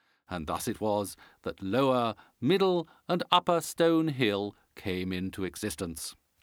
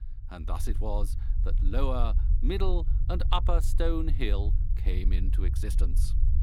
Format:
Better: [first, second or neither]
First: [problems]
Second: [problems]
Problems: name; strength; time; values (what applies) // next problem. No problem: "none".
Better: first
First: none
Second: low rumble; noticeable; throughout; 15 dB below the speech